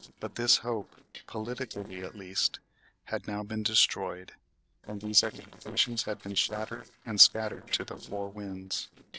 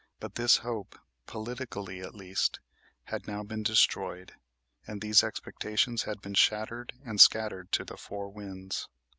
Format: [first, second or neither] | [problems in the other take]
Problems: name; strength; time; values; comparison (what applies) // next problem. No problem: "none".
second | noise reduction (neural separator model SepFormer DNS4)